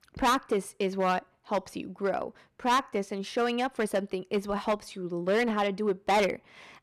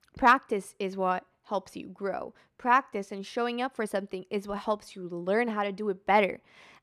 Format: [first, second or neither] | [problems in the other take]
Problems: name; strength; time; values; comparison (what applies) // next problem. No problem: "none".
second | distortion; heavy; 6% of the sound clipped